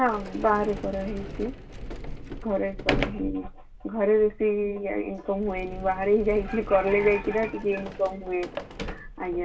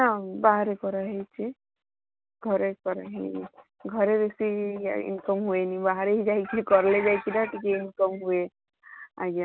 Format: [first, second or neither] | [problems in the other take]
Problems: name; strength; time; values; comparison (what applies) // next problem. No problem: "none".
second | background sound (Sliding door); 9 dB below the speech // room echo; dies away in 0.2 s